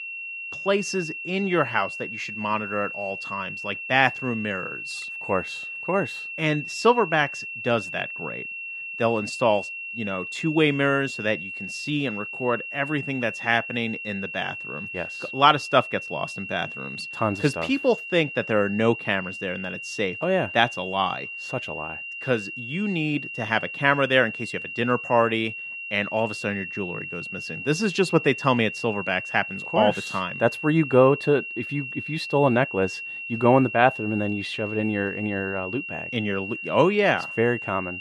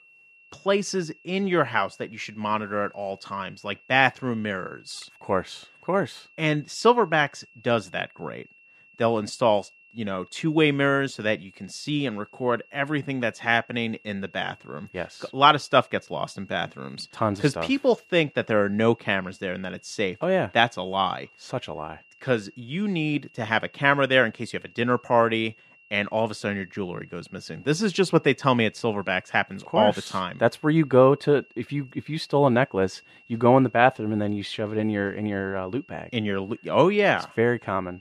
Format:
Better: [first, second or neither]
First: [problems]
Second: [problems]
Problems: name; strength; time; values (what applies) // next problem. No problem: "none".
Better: second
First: high-pitched whine; loud; throughout; 2.5 kHz, 8 dB below the speech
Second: high-pitched whine; faint; throughout; 2.5 kHz, 30 dB below the speech